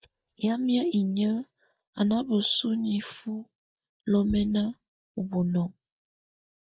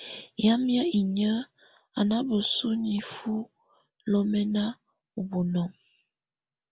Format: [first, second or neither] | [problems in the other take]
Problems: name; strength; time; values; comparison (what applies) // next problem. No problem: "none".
second | noise reduction (neural mask model DeepFilterNet 3)